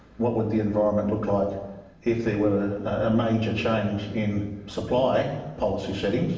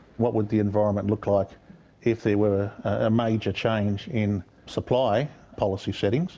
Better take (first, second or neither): second